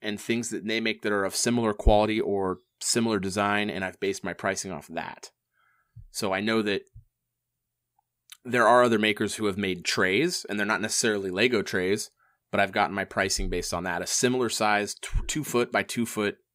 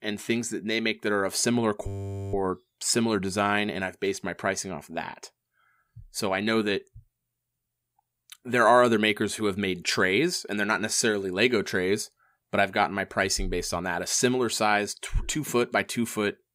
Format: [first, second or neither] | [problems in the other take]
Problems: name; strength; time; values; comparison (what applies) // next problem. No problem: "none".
first | audio freezing; at 2 s